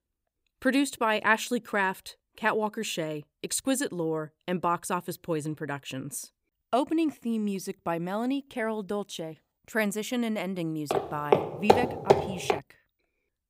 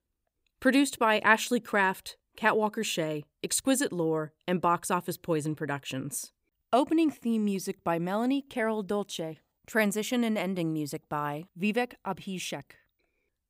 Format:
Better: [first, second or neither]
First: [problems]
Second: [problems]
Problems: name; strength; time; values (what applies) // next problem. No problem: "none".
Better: second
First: footsteps; loud; from 11 to 13 s; peak 6 dB above the speech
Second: none